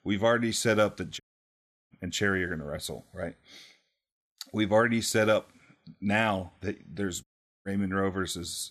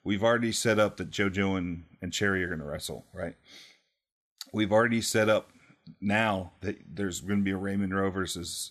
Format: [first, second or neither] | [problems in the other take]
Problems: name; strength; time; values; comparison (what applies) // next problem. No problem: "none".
second | audio cutting out; at 1 s for 0.5 s and at 7 s